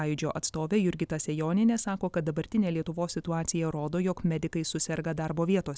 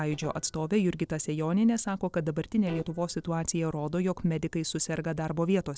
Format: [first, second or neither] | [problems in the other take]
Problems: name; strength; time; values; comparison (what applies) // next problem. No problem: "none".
first | noise reduction (neural separator model SepFormer DNS4)